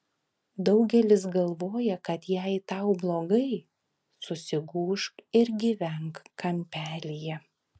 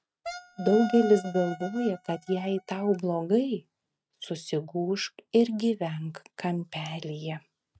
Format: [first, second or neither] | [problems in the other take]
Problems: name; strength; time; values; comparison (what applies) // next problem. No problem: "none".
first | noise reduction (neural mask model RNNoise)